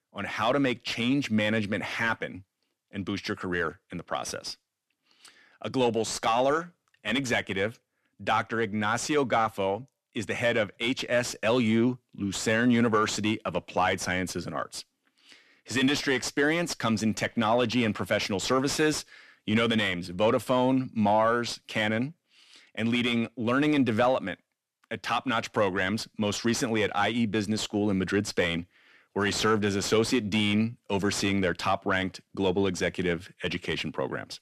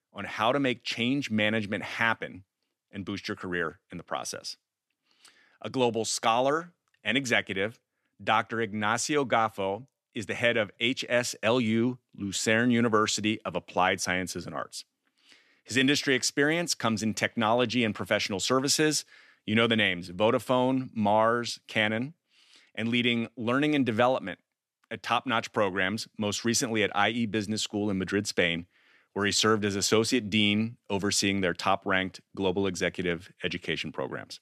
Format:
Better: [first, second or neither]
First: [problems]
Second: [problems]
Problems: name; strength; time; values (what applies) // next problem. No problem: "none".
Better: second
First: distortion; slight; 10 dB below the speech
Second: none